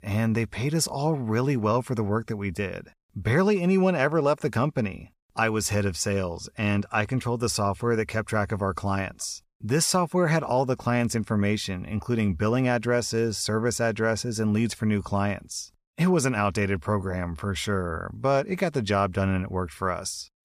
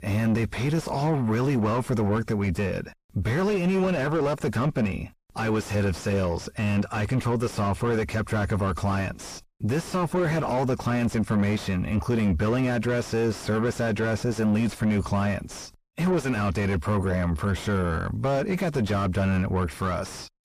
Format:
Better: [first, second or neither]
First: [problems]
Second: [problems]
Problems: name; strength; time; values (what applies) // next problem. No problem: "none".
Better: first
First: none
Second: distortion; heavy; 4 dB below the speech